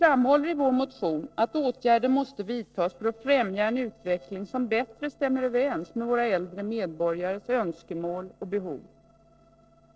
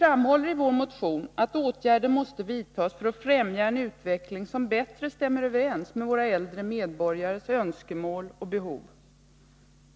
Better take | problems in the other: second | noise reduction (neural separator model SepFormer DNS4)

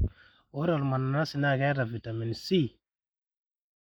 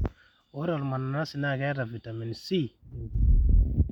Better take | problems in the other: second | noise reduction (neural mask model Resemble Enhance denoiser)

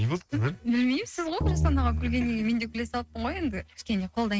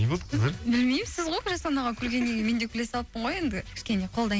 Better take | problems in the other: second | noise reduction (neural mask model RNNoise)

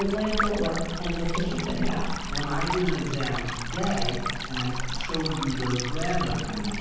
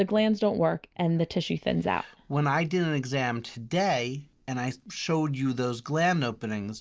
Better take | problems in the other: second | background sound (Stream); as loud as the speech // room echo; dies away in 1.3 s

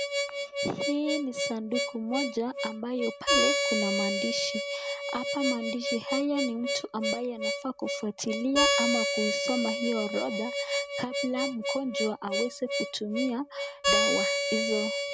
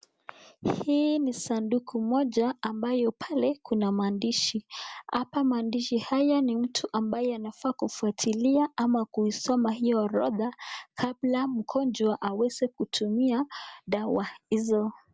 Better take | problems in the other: second | background sound (Harmonica); 2 dB above the speech

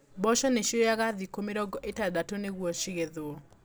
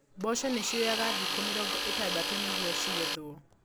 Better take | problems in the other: first | background sound (Tools); 2 dB above the speech

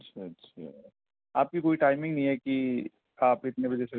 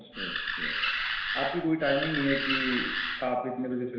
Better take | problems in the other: first | background sound (Animal); 1 dB below the speech // room echo; dies away in 1.1 s

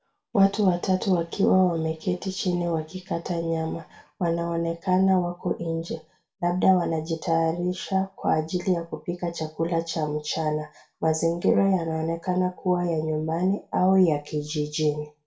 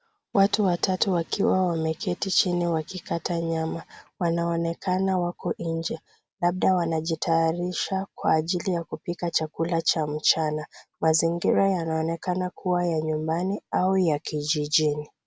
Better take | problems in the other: second | room echo; dies away in 0.3 s

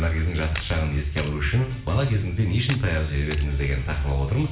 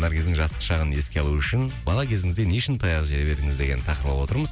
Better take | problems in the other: second | background sound (Camera); 19 dB below the speech // room echo; dies away in 0.5 s

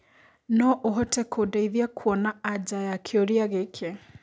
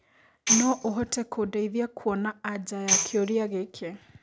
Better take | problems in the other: first | background sound (Tambourine); 1 dB below the speech

